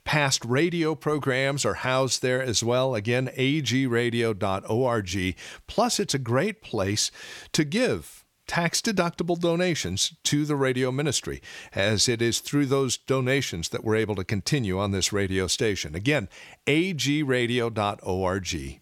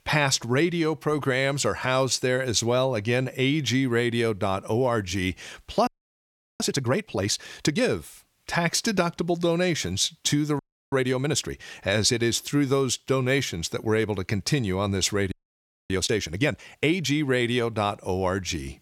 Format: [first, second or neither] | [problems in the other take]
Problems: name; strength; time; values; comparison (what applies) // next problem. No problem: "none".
first | audio freezing; at 6 s for 0.5 s, at 11 s and at 15 s for 0.5 s